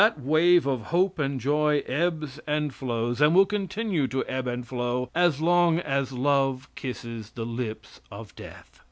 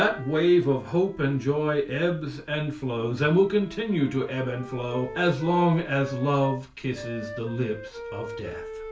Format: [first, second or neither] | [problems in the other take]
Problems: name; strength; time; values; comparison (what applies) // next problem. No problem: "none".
first | background sound (Wind instrument, woodwind instrument); 15 dB below the speech // room echo; dies away in 0.3 s